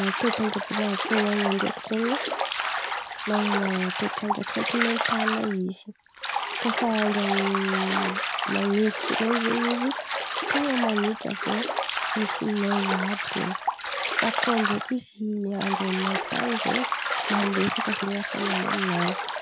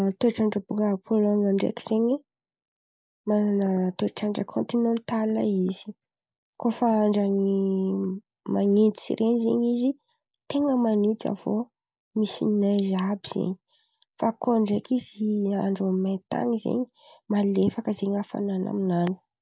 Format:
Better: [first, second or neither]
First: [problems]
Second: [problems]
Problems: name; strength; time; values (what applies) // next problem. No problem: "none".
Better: second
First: background sound (Bathtub (filling or washing)); 1 dB below the speech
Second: none